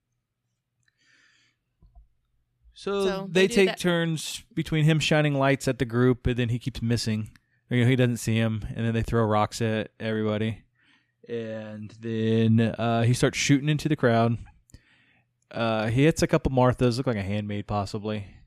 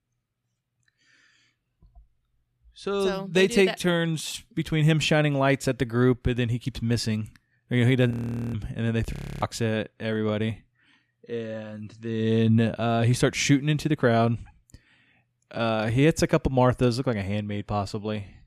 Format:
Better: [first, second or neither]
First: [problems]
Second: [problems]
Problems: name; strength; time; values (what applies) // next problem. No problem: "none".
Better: first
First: none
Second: audio freezing; at 8 s and at 9 s